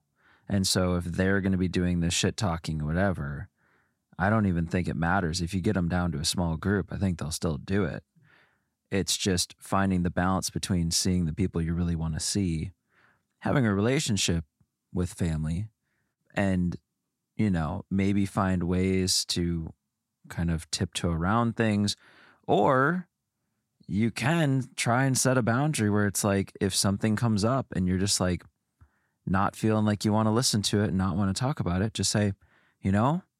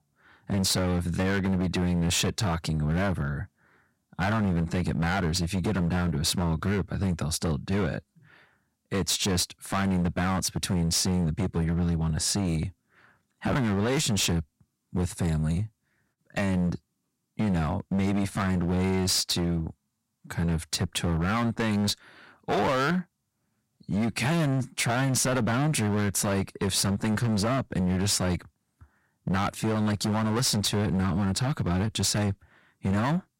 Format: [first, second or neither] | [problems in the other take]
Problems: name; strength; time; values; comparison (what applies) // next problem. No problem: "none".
first | distortion; heavy; 17% of the sound clipped